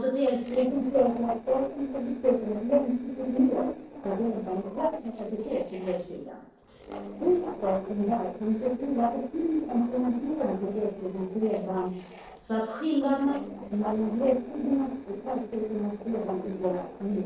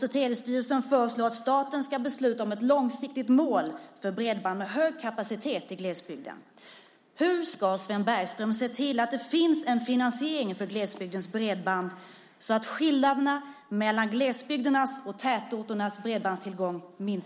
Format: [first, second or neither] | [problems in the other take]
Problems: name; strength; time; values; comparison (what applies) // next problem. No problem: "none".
second | noise reduction (neural separator model SepFormer DNS4)